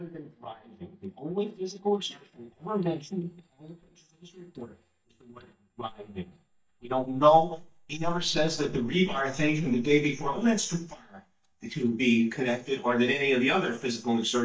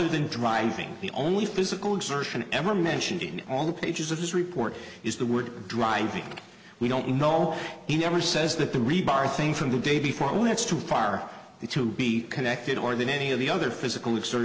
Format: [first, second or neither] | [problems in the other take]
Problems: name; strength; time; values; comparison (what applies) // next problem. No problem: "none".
second | noise reduction (neural mask model DeepFilterNet 3)